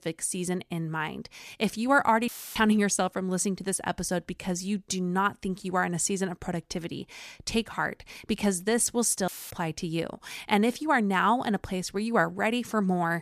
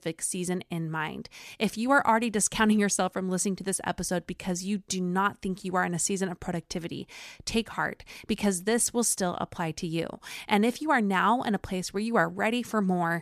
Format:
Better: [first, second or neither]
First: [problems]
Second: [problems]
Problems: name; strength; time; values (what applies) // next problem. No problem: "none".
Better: second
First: audio cutting out; filled with static; at 2.5 s and at 9.5 s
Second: none